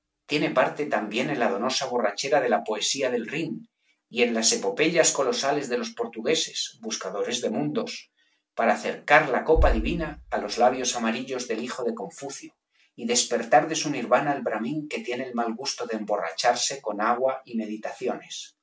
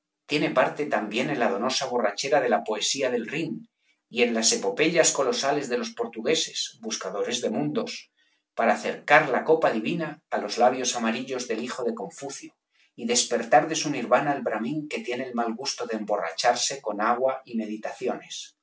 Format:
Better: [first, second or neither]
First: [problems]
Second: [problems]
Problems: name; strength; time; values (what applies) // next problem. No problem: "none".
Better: second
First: background sound (Bass drum); 13 dB below the speech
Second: none